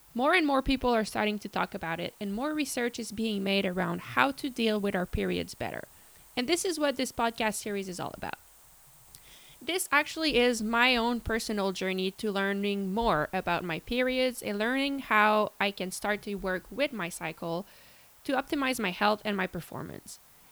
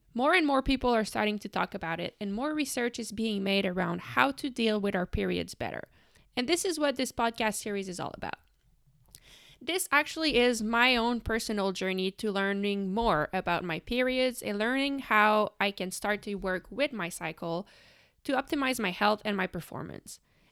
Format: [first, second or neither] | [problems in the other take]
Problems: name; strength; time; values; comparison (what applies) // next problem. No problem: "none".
second | hiss; faint; throughout; 25 dB below the speech